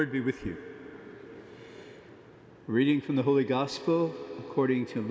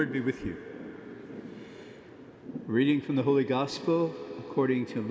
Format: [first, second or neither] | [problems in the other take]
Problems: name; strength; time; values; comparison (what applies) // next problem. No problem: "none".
first | background sound (Thunder / Rain); 14 dB below the speech